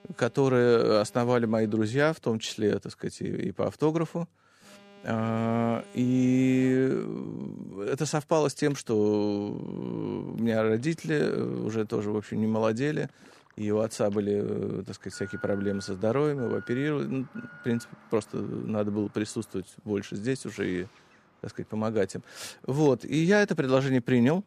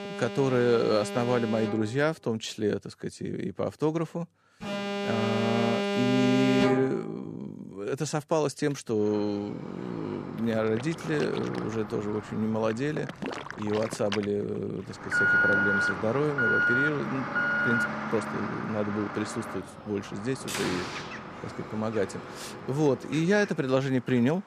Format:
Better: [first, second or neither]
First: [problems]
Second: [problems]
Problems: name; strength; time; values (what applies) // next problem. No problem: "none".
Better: first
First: alarms or sirens; faint; throughout; 25 dB below the speech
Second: alarms or sirens; loud; throughout; 1 dB below the speech